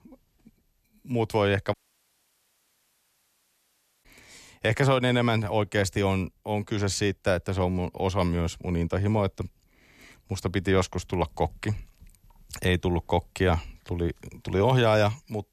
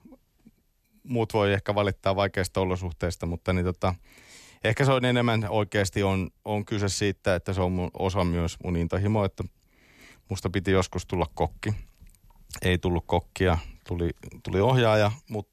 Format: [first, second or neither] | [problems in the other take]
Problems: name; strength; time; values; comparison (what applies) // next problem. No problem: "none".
second | audio cutting out; at 1.5 s for 2.5 s